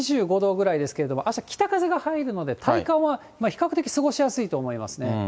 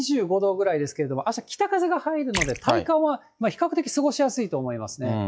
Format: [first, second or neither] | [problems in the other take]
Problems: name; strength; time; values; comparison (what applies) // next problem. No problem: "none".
first | noise reduction (classical method log-MMSE)